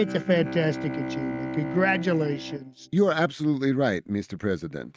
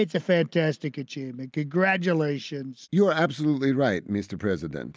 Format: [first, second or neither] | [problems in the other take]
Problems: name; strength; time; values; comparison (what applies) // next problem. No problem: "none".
second | noise reduction (neural mask model RNNoise)